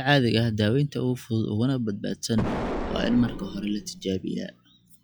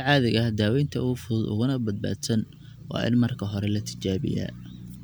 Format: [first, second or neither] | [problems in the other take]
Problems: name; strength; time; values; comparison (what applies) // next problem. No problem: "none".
second | noise reduction (classical method log-MMSE)